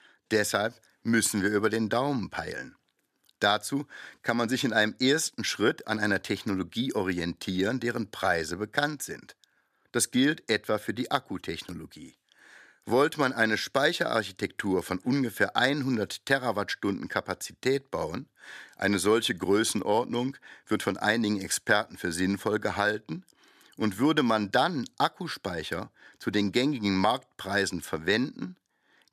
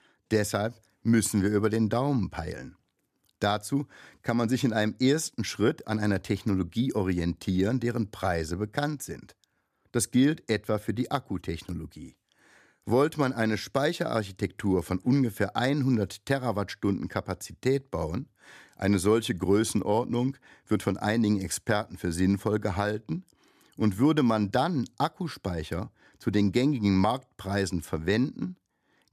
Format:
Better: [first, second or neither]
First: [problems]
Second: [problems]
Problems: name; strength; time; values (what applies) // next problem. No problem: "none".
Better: second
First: thin; very slightly; fading below 700 Hz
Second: none